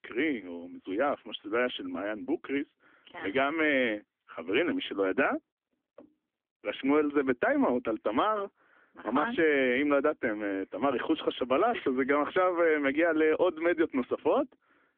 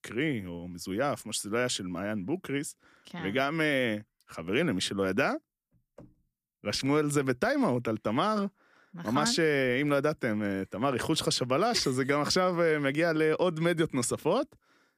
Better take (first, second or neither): second